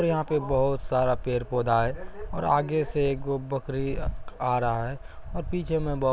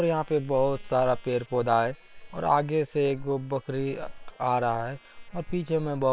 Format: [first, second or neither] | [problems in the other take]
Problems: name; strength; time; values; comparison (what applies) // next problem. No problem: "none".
first | noise reduction (neural separator model SepFormer WHAM!)